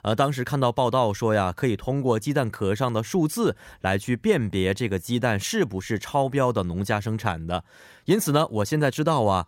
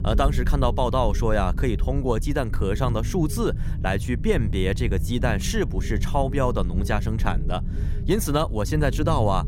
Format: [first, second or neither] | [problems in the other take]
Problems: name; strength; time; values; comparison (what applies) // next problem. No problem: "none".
first | low rumble; noticeable; throughout; 15 dB below the speech